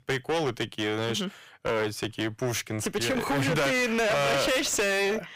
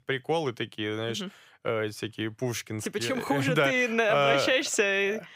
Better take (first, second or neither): second